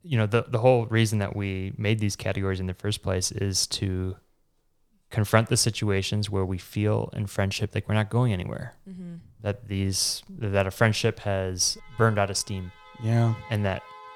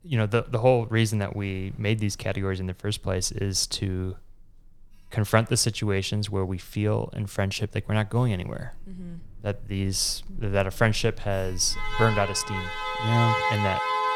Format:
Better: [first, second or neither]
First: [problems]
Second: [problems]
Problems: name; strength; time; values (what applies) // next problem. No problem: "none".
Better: first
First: alarms or sirens; faint; throughout; 25 dB below the speech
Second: alarms or sirens; loud; throughout; 3 dB below the speech